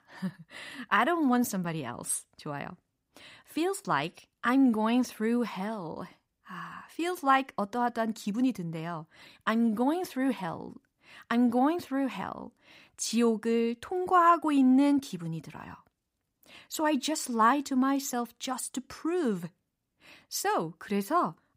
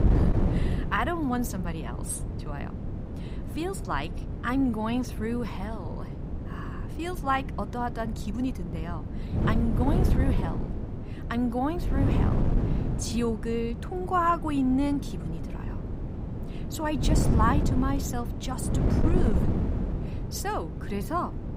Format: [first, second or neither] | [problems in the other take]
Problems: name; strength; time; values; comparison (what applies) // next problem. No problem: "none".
first | wind noise on the microphone; heavy; 8 dB below the speech